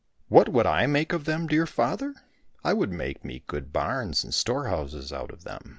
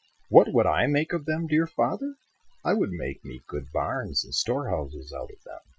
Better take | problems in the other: first | noise reduction (classical method Wiener filter)

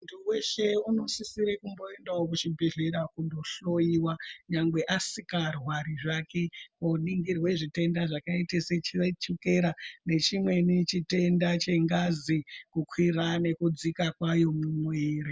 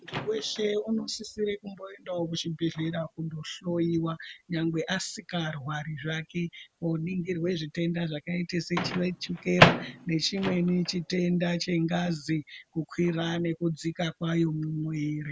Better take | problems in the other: first | background sound (Microwave oven); 6 dB below the speech

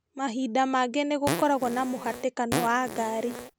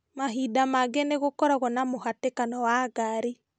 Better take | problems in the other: second | background sound (Fart); 6 dB below the speech

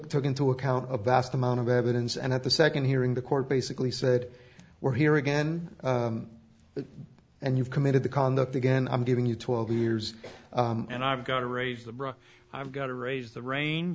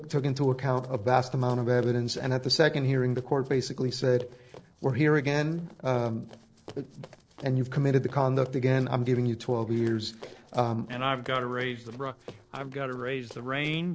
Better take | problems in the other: first | noise reduction (neural separator model SepFormer DNS4)

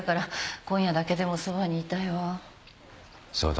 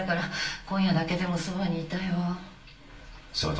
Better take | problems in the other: first | room echo; dies away in 0.3 s

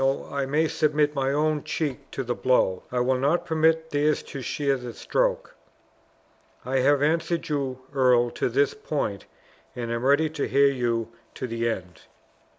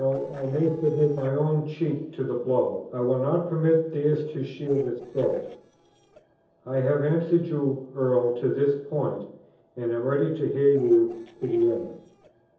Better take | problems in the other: first | noise reduction (neural separator model SepFormer DNS4)

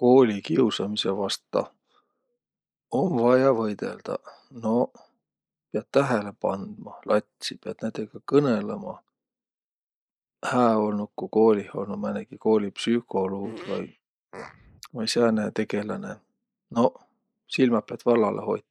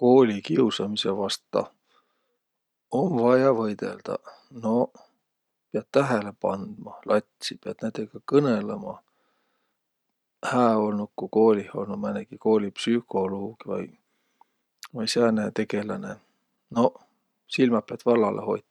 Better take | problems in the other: second | noise reduction (neural mask model Resemble Enhance denoiser)

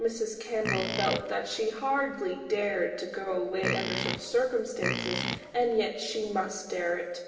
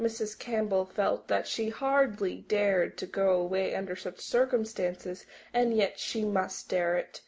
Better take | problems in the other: second | background sound (Livestock, farm animals, working animals); 3 dB below the speech // room echo; dies away in 1.3 s

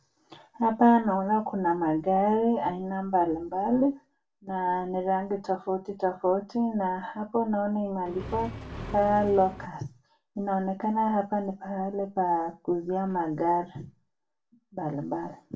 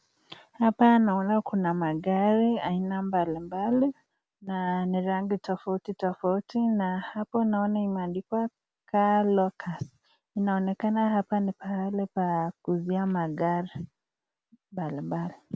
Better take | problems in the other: second | background sound (Accelerating, revving, vroom); 10 dB below the speech // room echo; dies away in 0.2 s

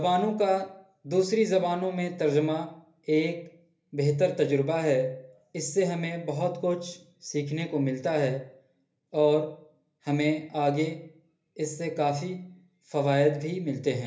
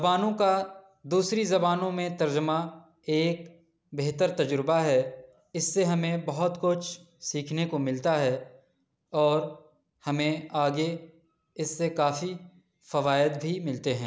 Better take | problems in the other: second | room echo; dies away in 0.3 s

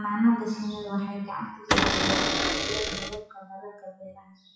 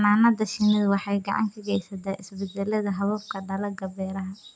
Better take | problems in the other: second | noise reduction (classical method WPE with log-MMSE)

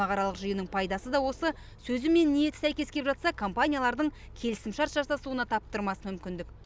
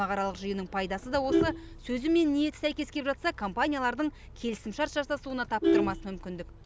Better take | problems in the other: first | background sound (Vehicle horn, car horn, honking); 4 dB below the speech

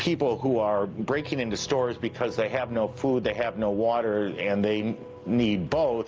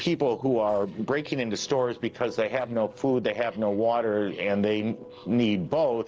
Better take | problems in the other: first | noise reduction (neural separator model SepFormer DNS4)

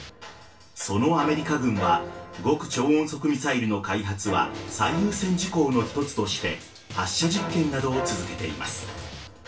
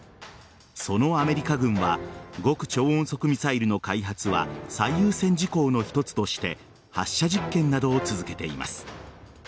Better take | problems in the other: second | background sound (Drum); 18 dB below the speech // room echo; dies away in 0.3 s

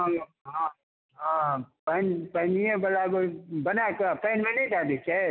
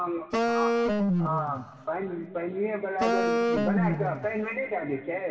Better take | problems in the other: first | background sound (Wind instrument, woodwind instrument); 3 dB above the speech // room echo; dies away in 2.4 s

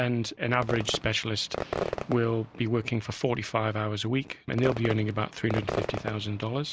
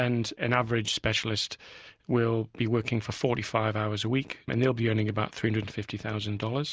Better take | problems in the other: second | background sound (Fireworks); 8 dB below the speech

